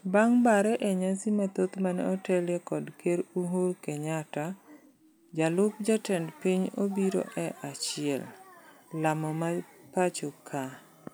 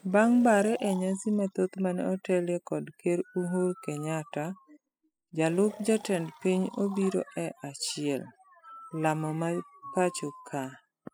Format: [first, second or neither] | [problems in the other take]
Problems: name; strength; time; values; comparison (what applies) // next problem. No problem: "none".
first | noise reduction (classical method spectral subtraction)